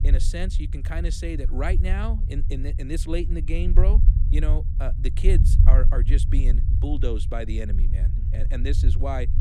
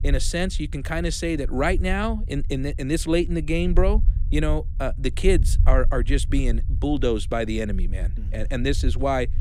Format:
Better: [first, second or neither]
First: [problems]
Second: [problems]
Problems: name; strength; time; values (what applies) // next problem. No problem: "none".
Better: second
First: low rumble; loud; throughout; 8 dB below the speech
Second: low rumble; faint; throughout; 20 dB below the speech